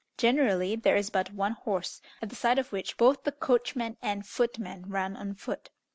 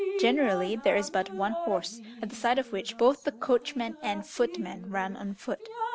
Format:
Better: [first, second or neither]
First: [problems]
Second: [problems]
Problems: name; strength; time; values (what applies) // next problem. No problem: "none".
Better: first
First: none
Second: background sound (Drip); 8 dB below the speech